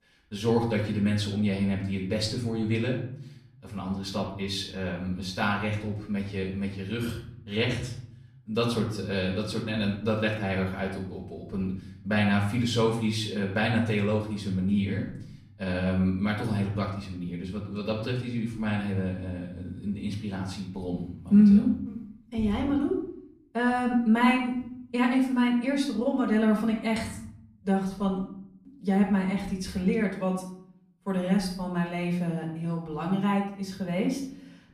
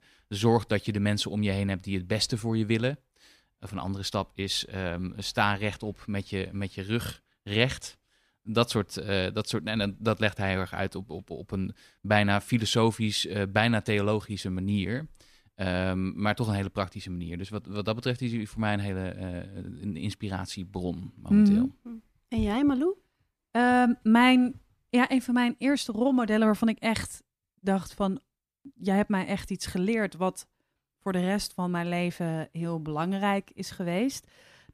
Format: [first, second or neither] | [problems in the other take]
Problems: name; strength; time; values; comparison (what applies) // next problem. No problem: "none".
second | off-mic speech; far // room echo; noticeable; dies away in 0.7 s